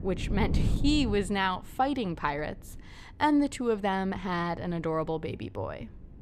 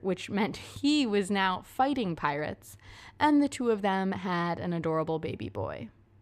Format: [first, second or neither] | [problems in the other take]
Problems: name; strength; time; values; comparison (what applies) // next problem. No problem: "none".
second | wind noise on the microphone; occasional gusts; 15 dB below the speech